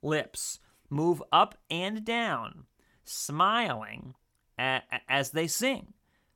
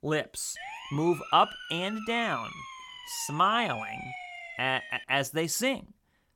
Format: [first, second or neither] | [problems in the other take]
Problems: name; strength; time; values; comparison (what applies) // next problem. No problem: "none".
first | siren; noticeable; from 0.5 to 5 s; peak 9 dB below the speech